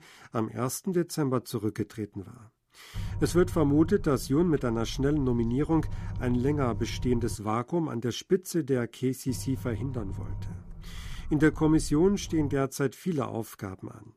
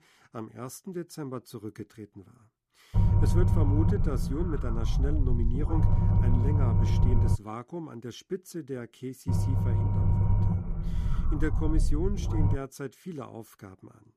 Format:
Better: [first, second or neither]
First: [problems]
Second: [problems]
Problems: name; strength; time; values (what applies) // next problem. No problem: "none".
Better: first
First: low rumble; faint; from 3 to 7.5 s and from 9.5 to 13 s; 20 dB below the speech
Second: low rumble; loud; from 3 to 7.5 s and from 9.5 to 13 s; as loud as the speech